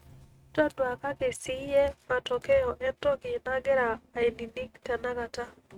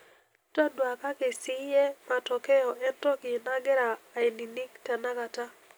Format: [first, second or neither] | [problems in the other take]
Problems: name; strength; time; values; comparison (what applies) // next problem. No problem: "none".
second | noise reduction (neural mask model RNNoise)